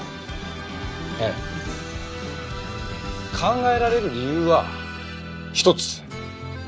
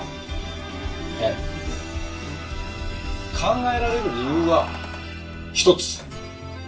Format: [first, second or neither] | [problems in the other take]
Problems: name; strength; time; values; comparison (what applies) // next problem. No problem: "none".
first | background sound (Keys jangling); 17 dB below the speech // room echo; dies away in 0.2 s